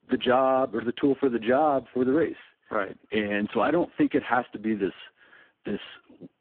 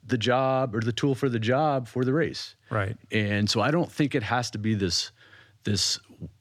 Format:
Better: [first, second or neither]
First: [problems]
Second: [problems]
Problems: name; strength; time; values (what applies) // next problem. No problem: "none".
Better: second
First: phone-call audio; poor line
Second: none